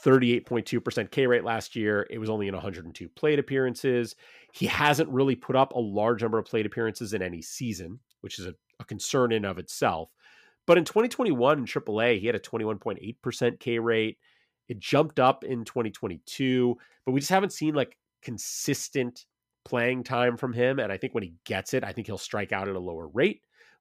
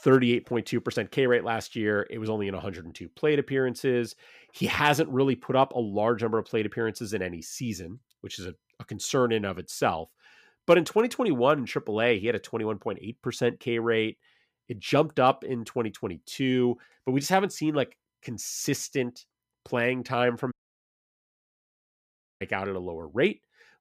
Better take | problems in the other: first | audio cutting out; at 21 s for 2 s

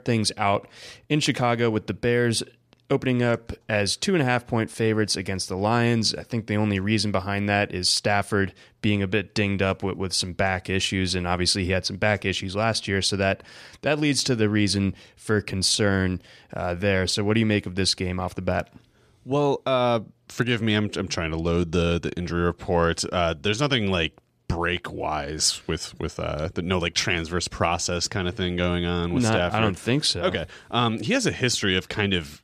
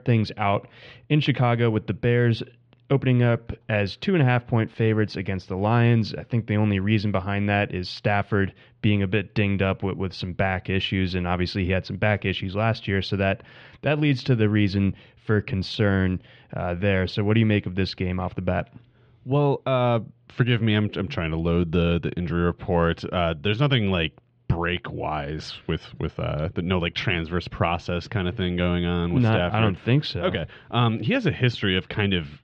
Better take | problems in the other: first | muffled; slightly; fading above 3 kHz

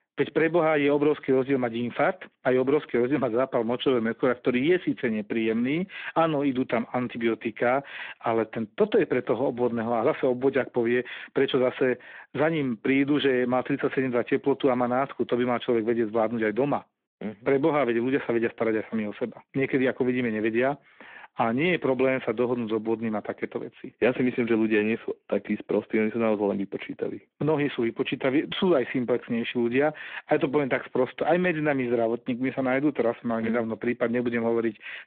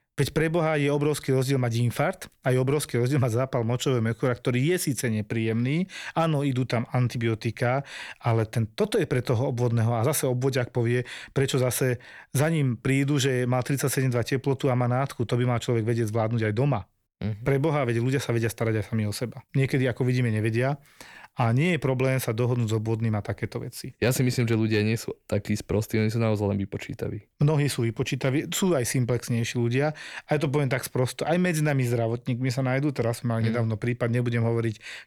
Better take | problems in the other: second | phone-call audio

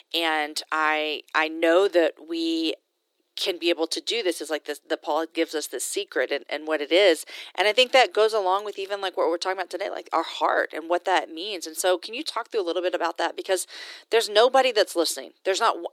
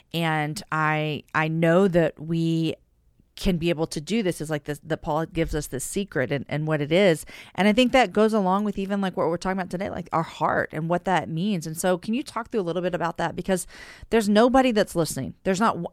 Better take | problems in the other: second | thin; very; fading below 300 Hz

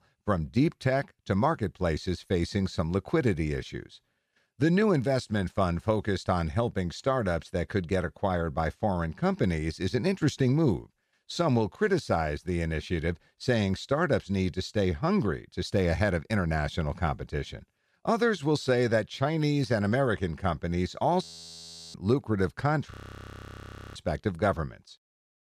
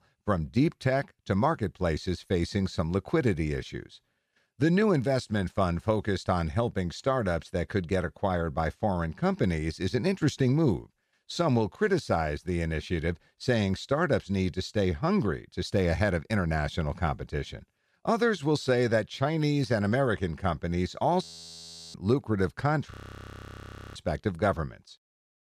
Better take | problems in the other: neither | audio freezing; at 21 s for 0.5 s and at 23 s for 1 s; the same in both

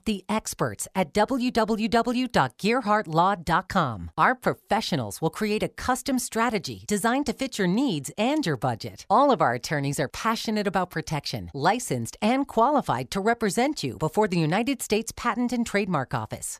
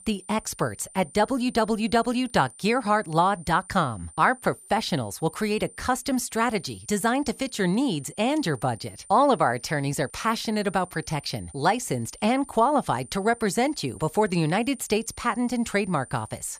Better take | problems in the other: first | high-pitched whine; faint; throughout; 9 kHz, 20 dB below the speech

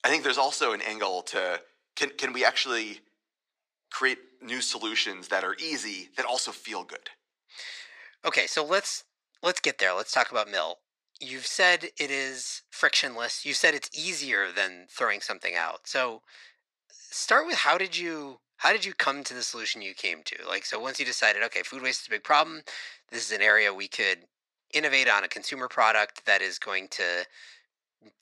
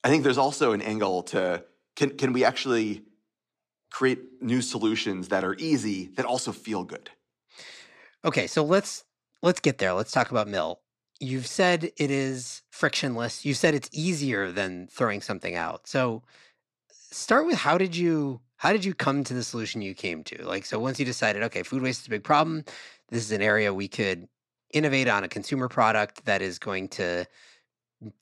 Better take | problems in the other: second | thin; very; fading below 600 Hz

